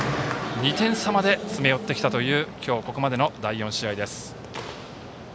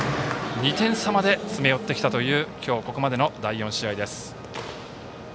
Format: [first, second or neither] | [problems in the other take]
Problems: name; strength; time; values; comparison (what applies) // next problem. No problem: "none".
first | background sound (Organ); 19 dB below the speech